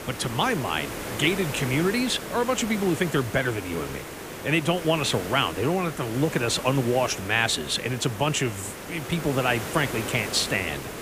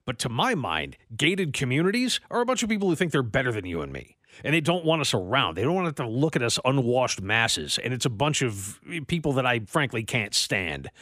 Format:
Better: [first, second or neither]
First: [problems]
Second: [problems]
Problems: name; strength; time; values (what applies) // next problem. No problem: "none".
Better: second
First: hiss; loud; throughout; 9 dB below the speech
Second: none